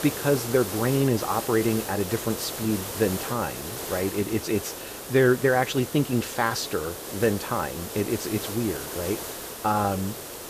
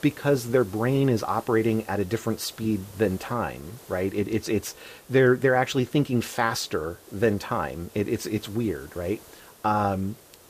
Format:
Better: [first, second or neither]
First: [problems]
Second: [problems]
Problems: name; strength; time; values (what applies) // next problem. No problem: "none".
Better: second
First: hiss; loud; throughout; 7 dB below the speech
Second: hiss; faint; throughout; 20 dB below the speech